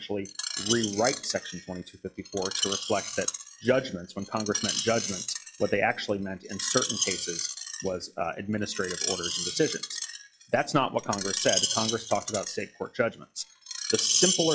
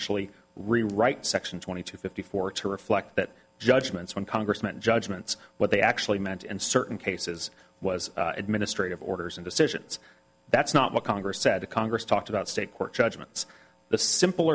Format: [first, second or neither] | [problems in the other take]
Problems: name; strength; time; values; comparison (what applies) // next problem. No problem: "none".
second | noise reduction (classical method log-MMSE)